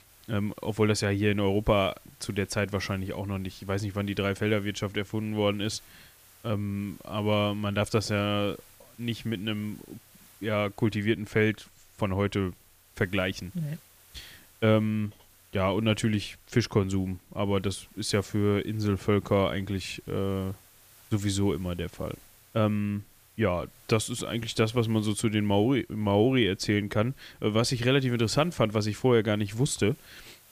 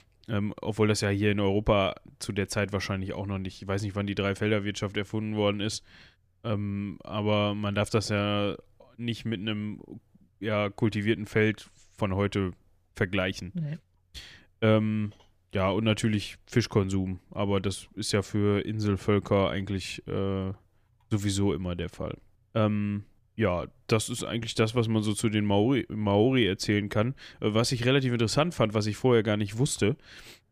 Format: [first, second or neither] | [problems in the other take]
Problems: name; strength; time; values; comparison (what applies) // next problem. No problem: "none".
second | hiss; faint; throughout; 25 dB below the speech